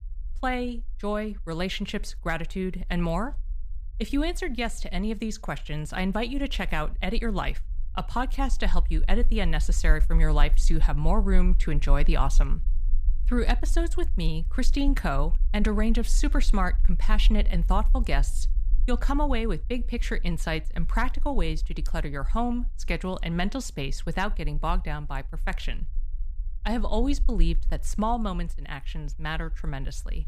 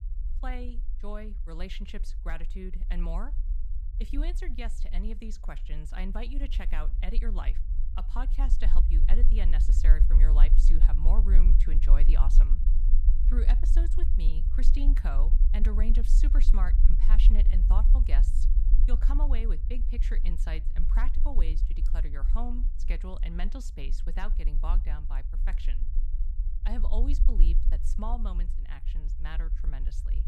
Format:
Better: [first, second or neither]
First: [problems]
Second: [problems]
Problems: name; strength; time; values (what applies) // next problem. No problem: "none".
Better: first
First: low rumble; faint; throughout; 25 dB below the speech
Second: low rumble; loud; throughout; 8 dB below the speech